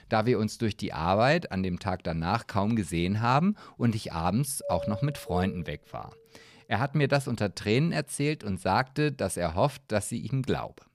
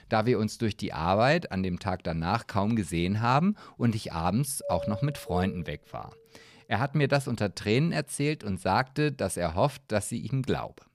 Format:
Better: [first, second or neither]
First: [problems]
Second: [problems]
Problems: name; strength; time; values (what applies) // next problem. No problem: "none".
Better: neither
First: doorbell; noticeable; from 4.5 to 5.5 s; peak 6 dB below the speech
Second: doorbell; noticeable; from 4.5 to 5.5 s; peak 6 dB below the speech